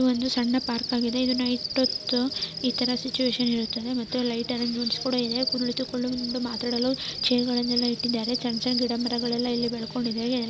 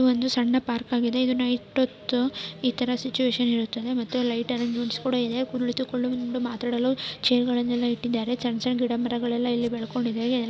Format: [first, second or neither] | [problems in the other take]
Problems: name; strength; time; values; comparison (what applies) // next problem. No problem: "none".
second | background sound (Cricket); 6 dB below the speech